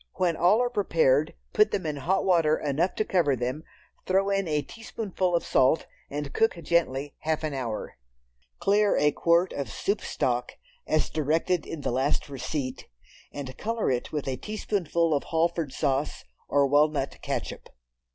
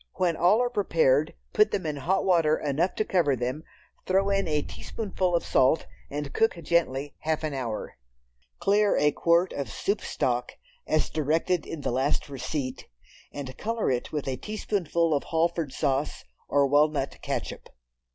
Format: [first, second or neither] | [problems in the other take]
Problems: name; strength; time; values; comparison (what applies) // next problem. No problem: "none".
first | background sound (Boom); 6 dB below the speech